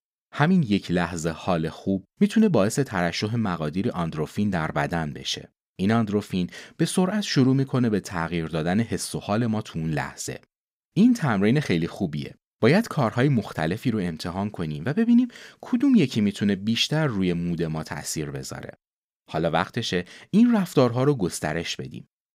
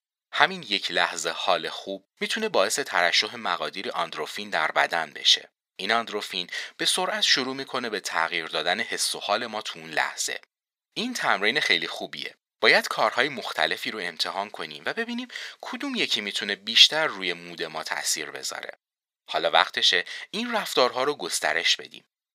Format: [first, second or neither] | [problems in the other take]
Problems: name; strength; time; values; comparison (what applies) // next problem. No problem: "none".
first | thin; very; fading below 750 Hz